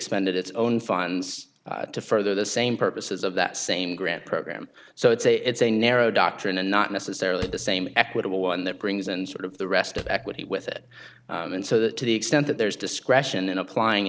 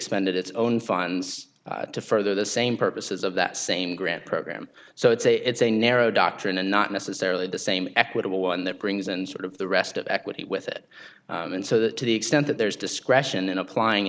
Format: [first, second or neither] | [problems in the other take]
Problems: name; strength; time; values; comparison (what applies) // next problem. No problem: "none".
second | noise reduction (neural separator model SepFormer DNS4)